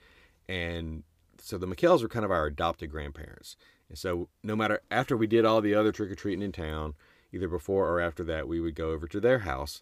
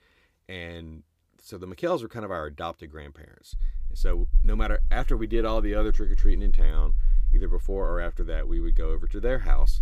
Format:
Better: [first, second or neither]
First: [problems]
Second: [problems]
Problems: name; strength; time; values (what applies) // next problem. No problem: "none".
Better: first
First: none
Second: low rumble; faint; from 3.5 s on; 25 dB below the speech